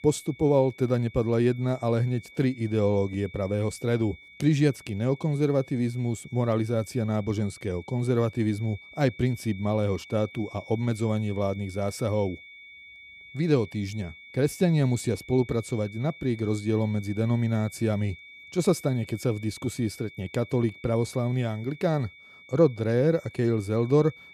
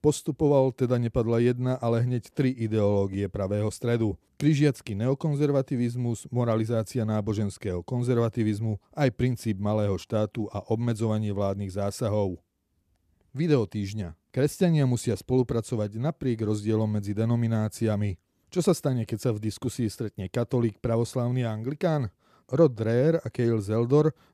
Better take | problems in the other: second | high-pitched whine; noticeable; throughout; 2.5 kHz, 20 dB below the speech

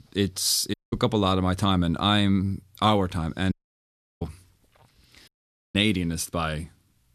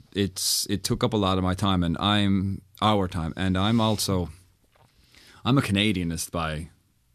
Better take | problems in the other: second | audio cutting out; at 0.5 s, at 3.5 s for 0.5 s and at 5.5 s

